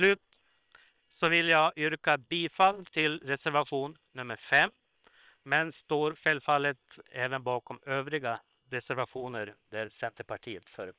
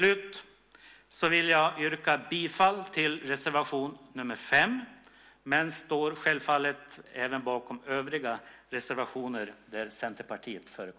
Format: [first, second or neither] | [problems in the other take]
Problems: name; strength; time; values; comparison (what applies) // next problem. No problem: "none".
second | noise reduction (neural separator model SepFormer WHAM!)